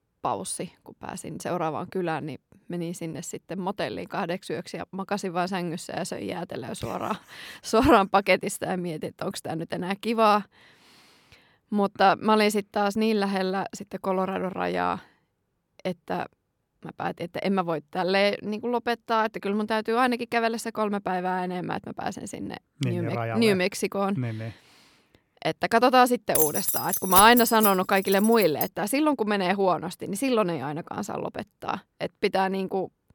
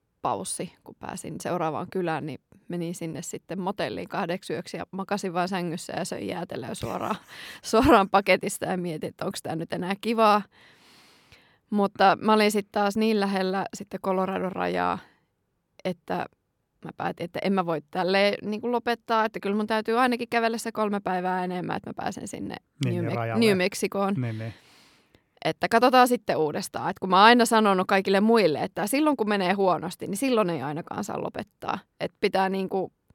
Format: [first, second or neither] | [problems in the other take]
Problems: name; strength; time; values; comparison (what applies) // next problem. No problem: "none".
second | jangling keys; loud; from 26 to 29 s; peak 5 dB above the speech